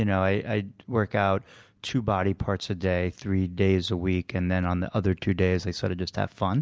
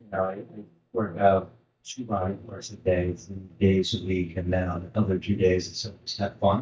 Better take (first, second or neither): first